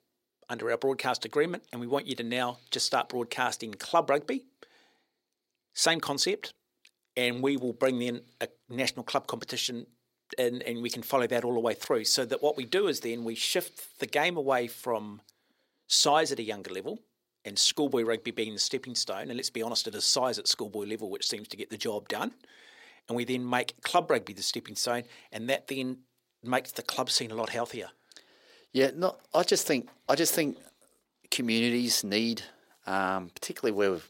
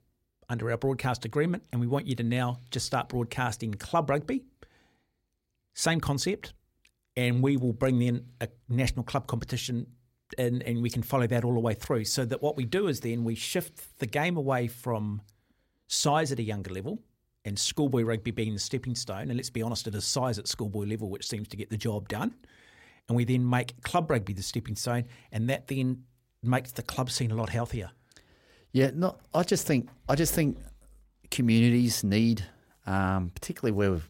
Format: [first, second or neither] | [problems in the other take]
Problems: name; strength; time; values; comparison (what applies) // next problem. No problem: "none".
second | thin; somewhat; fading below 400 Hz